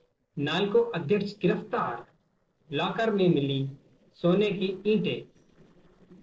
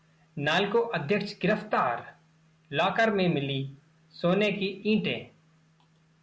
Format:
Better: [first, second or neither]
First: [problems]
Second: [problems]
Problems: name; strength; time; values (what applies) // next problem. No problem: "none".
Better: second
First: noise reduction (neural separator model SepFormer DNS4)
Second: none